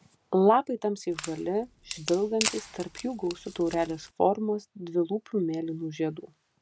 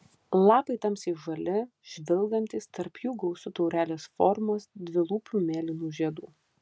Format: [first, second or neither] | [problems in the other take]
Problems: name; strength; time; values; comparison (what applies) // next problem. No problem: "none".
second | background sound (Wood); 10 dB below the speech